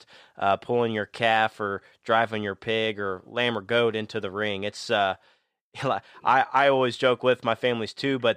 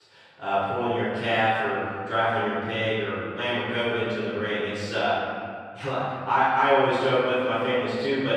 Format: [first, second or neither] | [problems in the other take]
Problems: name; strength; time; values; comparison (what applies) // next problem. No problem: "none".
first | room echo; strong; dies away in 2.1 s // off-mic speech; far